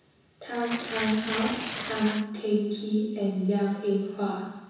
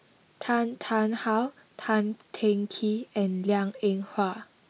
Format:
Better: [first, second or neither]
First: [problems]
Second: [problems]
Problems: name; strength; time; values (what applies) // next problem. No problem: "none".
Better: second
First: background sound (Tearing); 7 dB below the speech // room echo; dies away in 1.1 s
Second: none